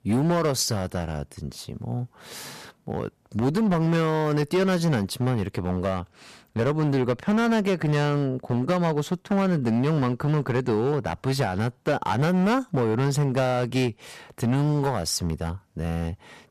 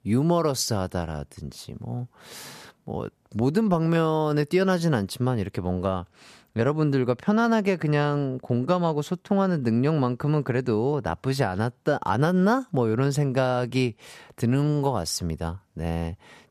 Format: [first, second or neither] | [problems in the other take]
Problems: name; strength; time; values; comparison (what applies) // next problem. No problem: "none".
second | distortion; slight; 12% of the sound clipped